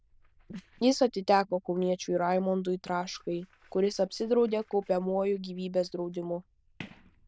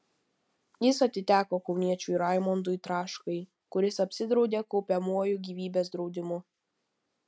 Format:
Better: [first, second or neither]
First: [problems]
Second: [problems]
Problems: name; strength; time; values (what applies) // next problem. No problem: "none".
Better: second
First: noise reduction (neural diffusion model UNIVERSE++)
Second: none